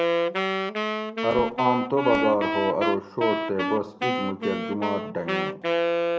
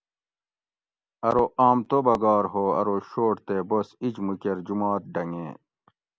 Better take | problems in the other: second | background sound (Wind instrument, woodwind instrument); as loud as the speech // room echo; dies away in 1.3 s

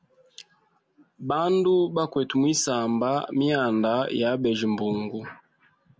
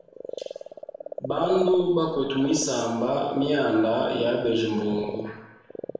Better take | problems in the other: first | background sound (Frog); 11 dB below the speech // room echo; dies away in 0.8 s

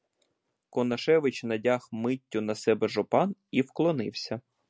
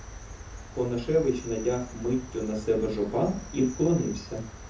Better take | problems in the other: first | background sound (Cricket); 13 dB below the speech // room echo; dies away in 0.5 s

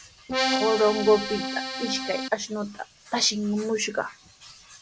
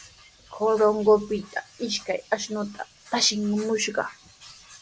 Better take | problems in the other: second | background sound (Accordion); 2 dB below the speech

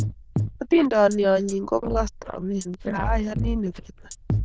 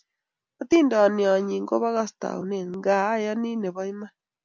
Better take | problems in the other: second | noise reduction (neural diffusion model UNIVERSE++)

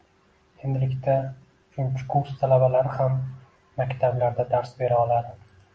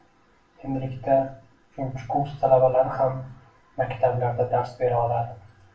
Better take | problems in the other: first | room echo; dies away in 0.3 s

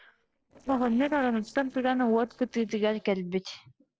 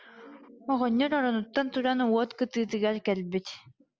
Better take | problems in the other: second | noise reduction (neural separator model SepFormer DNS4)

